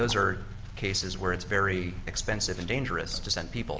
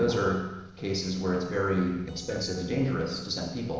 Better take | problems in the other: first | noise reduction (neural separator model SepFormer DNS4)

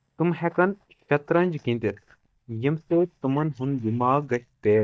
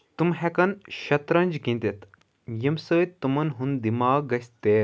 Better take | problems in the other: second | noise reduction (neural mask model DeepFilterNet 3)

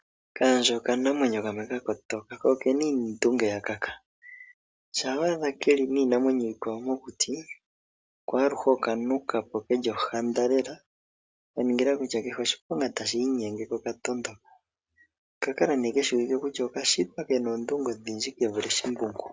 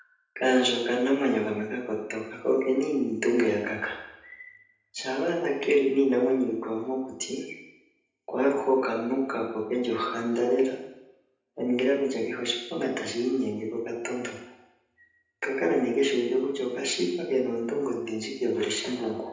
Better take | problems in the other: first | room echo; dies away in 0.9 s

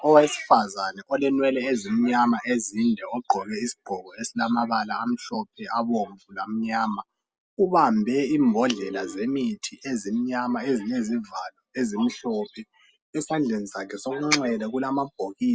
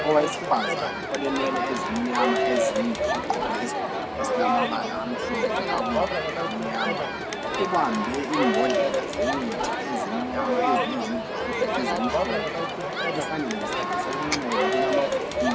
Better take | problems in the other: first | background sound (Crowd); 4 dB above the speech

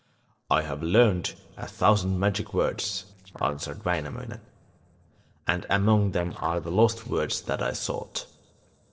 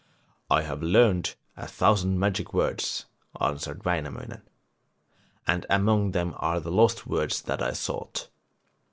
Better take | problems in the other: second | noise reduction (neural separator model SepFormer DNS4)

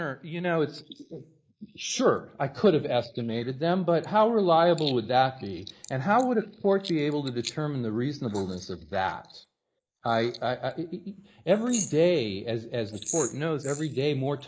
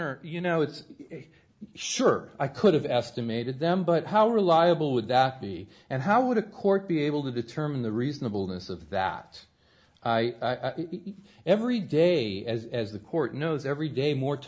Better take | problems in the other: second | noise reduction (neural mask model Resemble Enhance denoiser)

